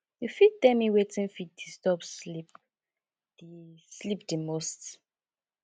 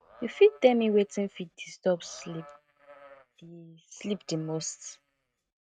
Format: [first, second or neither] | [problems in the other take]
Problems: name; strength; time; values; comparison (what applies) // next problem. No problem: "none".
first | noise reduction (neural mask model RNNoise)